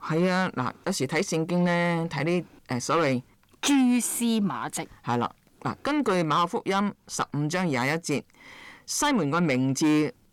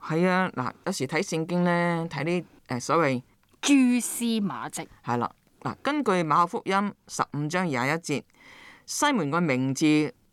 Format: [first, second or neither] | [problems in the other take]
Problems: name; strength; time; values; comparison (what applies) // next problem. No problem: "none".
second | distortion; slight; 10 dB below the speech